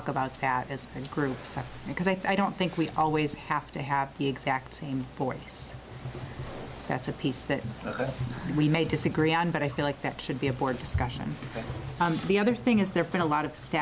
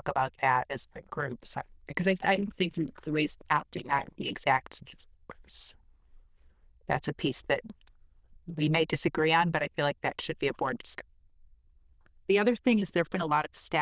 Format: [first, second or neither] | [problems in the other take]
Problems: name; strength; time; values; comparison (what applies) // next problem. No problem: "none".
first | noise reduction (neural diffusion model UNIVERSE++)